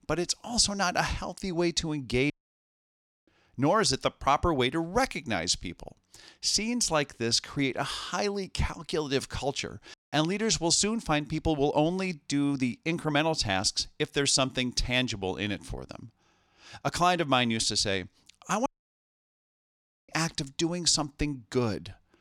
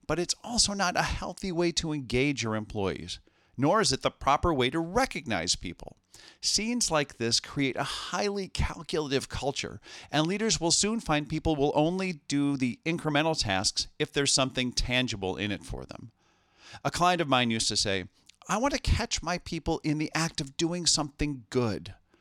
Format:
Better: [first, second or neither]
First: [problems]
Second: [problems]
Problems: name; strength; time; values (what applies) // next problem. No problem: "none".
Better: second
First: audio cutting out; at 2.5 s for 1 s, at 10 s and at 19 s for 1.5 s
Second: none